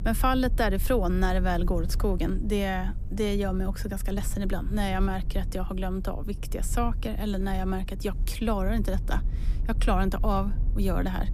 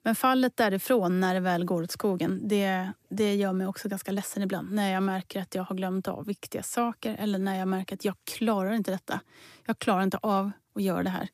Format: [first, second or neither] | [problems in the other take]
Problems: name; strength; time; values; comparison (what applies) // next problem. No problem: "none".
second | low rumble; noticeable; throughout; 20 dB below the speech